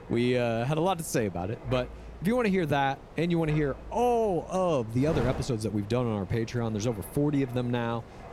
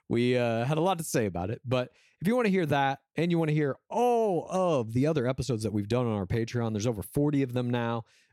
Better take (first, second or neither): second